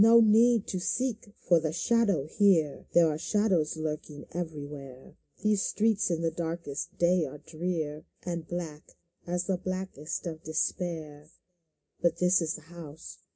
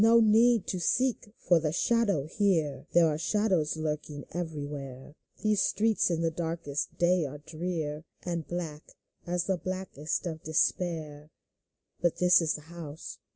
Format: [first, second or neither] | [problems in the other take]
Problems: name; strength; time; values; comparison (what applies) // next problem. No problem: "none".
second | room echo; dies away in 0.3 s